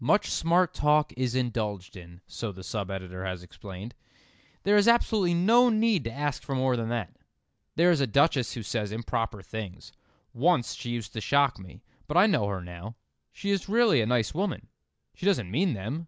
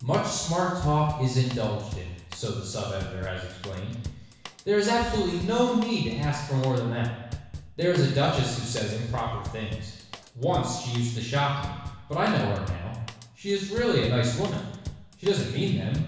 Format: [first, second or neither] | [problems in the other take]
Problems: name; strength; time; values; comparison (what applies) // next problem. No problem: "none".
first | background sound (Drum / Drum kit); 14 dB below the speech // room echo; dies away in 1.1 s